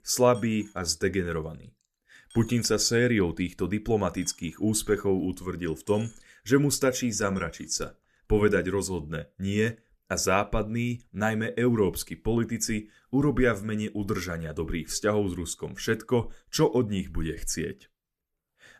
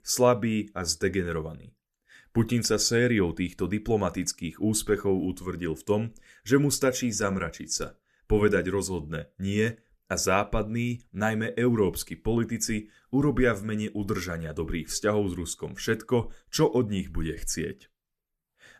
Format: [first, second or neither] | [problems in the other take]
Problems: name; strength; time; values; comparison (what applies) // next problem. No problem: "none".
second | household noises; faint; throughout; 25 dB below the speech